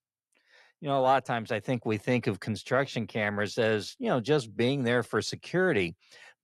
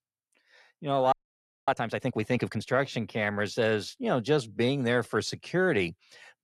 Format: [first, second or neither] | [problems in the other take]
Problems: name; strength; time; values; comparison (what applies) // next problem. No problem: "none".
first | audio freezing; at 1 s for 0.5 s